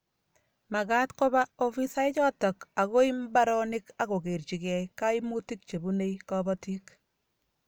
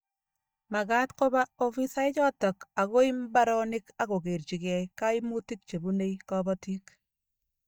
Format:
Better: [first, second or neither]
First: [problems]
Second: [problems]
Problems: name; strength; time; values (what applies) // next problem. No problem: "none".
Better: first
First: none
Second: noise reduction (neural mask model DeepFilterNet 3)